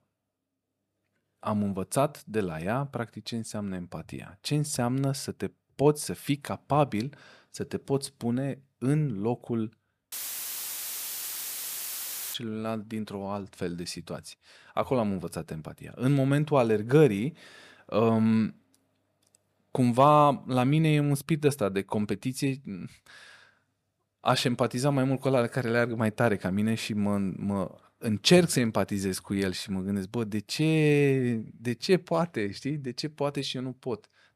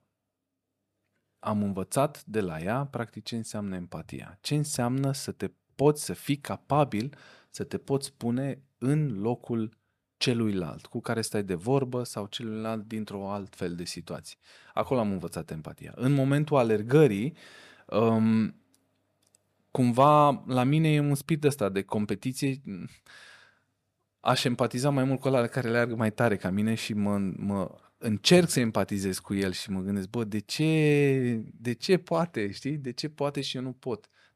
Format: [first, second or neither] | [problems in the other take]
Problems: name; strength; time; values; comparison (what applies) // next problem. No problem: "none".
second | audio cutting out; filled with static; at 10 s for 2 s